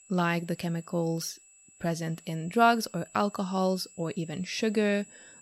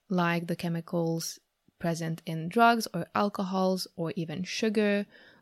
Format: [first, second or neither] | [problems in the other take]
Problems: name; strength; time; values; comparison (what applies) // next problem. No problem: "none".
second | high-pitched whine; faint; throughout; 7.5 kHz, 25 dB below the speech